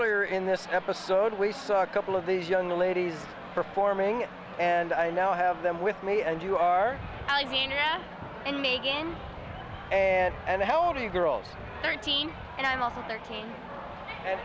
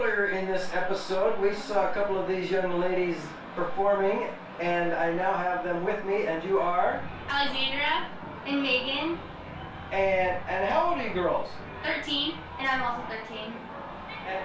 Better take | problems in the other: first | room echo; dies away in 0.3 s

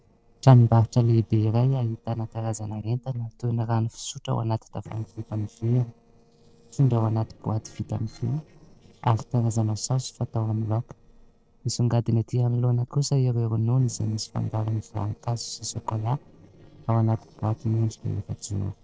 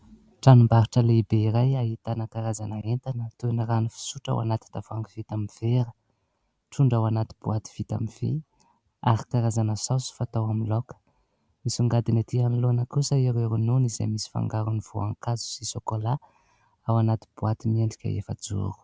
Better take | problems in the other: second | noise reduction (neural separator model SepFormer DNS4)

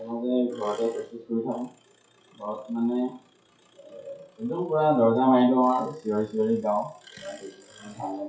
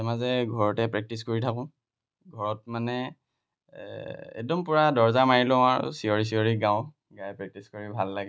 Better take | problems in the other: second | noise reduction (classical method WPE with log-MMSE)

